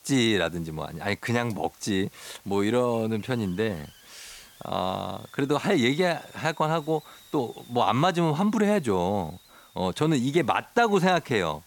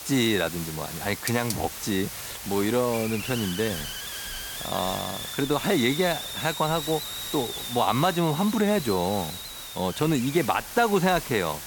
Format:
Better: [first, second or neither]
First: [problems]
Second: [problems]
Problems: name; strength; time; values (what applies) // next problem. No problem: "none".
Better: first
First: hiss; faint; throughout; 25 dB below the speech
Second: hiss; loud; throughout; 7 dB below the speech